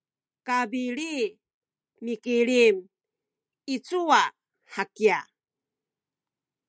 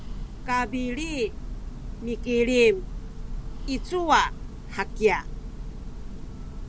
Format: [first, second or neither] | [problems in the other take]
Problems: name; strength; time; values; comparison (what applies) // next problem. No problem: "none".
first | background sound (Church bell); 7 dB below the speech